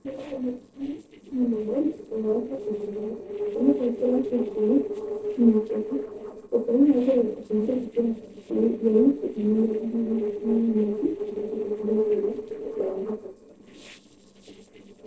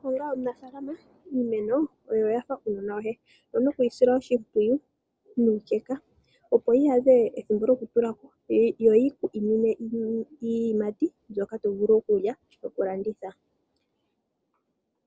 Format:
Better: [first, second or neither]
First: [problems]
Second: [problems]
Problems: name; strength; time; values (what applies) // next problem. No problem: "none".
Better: second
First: noise reduction (neural separator model SepFormer DNS4)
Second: none